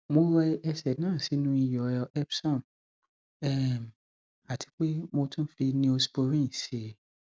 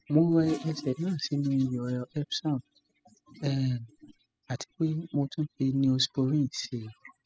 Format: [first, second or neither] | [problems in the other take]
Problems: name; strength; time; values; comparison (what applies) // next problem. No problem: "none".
first | noise reduction (classical method spectral subtraction)